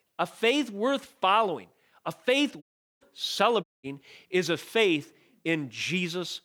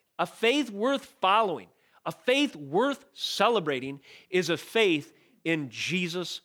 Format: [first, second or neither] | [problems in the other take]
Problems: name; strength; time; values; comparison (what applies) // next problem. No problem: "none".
second | audio cutting out; at 2.5 s and at 3.5 s